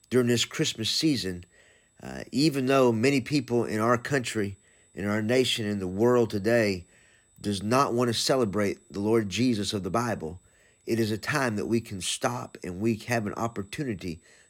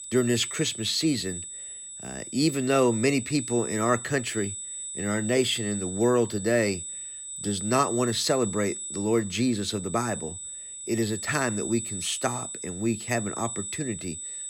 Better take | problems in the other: first | high-pitched whine; loud; throughout; 8 kHz, 7 dB below the speech; faint in the first

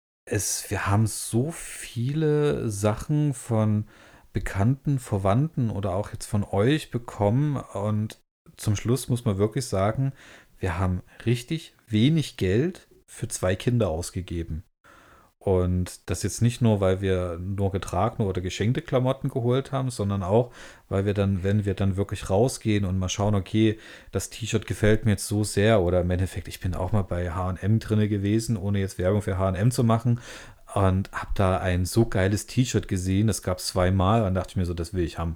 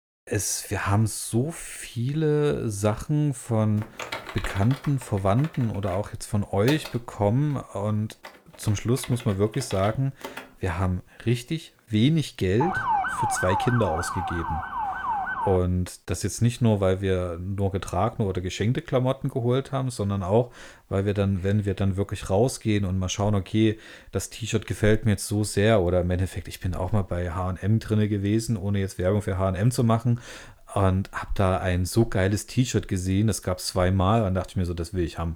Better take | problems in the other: first | keyboard typing; noticeable; from 4 to 10 s; peak 8 dB below the speech // siren; loud; from 13 to 16 s; peak 1 dB above the speech

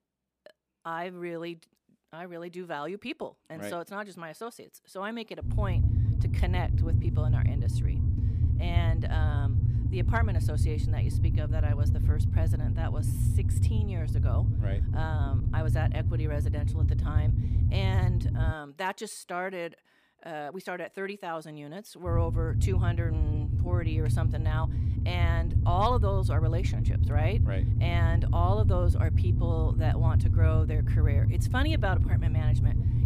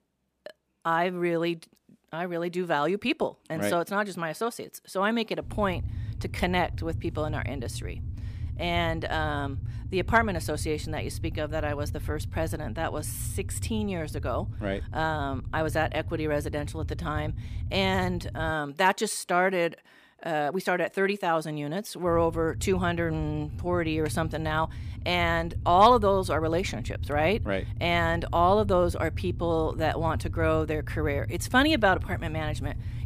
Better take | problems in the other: second | low rumble; loud; from 5.5 to 19 s and from 22 s on; 5 dB below the speech; faint in the second

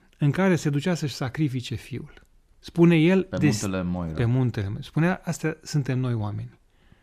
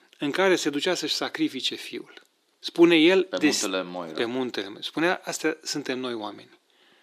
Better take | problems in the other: first | thin; somewhat; fading below 300 Hz

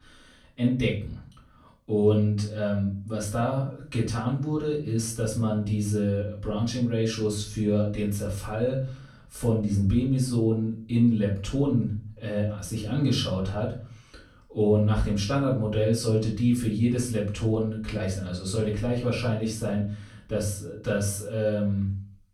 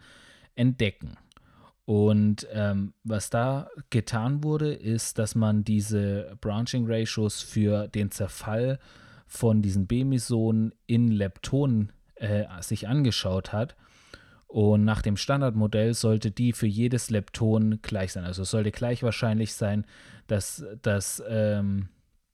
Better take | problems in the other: second | off-mic speech; far // room echo; slight; dies away in 0.3 s

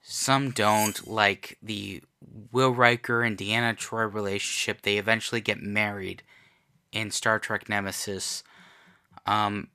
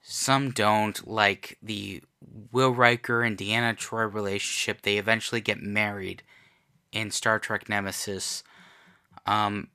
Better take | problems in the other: second | clattering dishes; noticeable; at 0.5 s; peak 5 dB below the speech

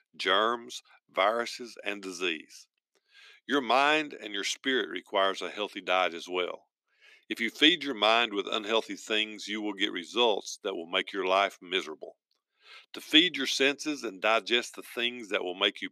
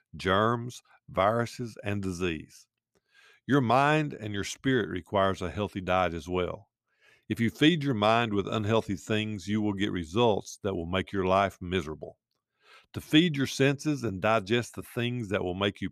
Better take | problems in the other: second | thin; somewhat; fading below 300 Hz

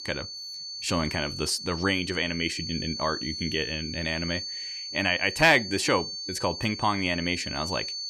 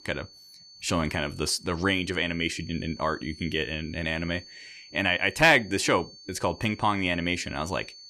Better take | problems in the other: second | high-pitched whine; loud; throughout; 4.5 kHz, 7 dB below the speech; faint in the second

